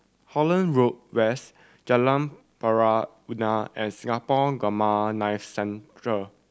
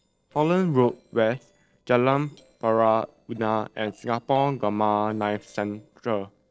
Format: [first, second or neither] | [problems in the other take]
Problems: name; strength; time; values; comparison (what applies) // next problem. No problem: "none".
first | noise reduction (neural separator model SepFormer DNS4)